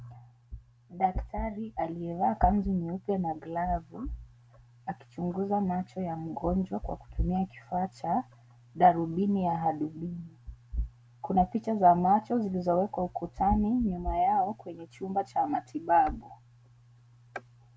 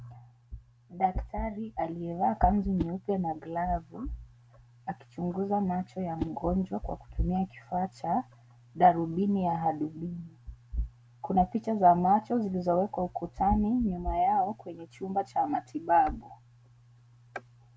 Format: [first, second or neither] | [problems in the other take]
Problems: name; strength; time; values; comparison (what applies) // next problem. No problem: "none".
first | background sound (Whoosh, swoosh, swish); 14 dB below the speech